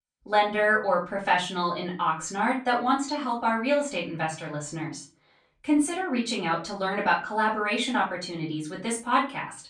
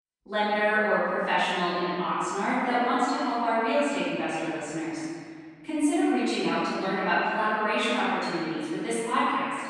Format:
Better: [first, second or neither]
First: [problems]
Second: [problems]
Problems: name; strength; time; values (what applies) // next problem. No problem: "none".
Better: first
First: room echo; slight; dies away in 0.3 s // off-mic speech; far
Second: room echo; strong; dies away in 2.1 s // off-mic speech; far